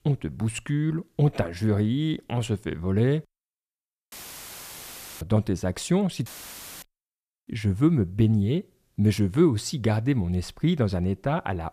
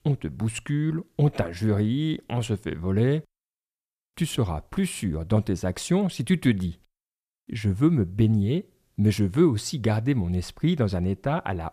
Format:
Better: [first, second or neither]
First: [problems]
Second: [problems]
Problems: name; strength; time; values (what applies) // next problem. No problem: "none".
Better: second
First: audio cutting out; filled with static; at 4 s for 1 s and at 6.5 s for 0.5 s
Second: none